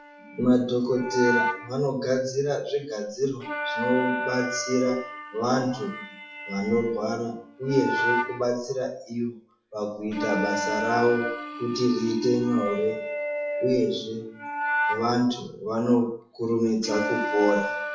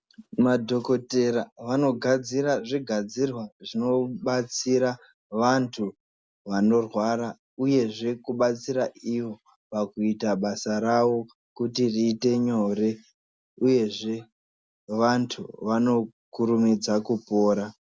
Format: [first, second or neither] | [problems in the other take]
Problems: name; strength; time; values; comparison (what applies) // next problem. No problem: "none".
second | noise reduction (classical method WPE with log-MMSE)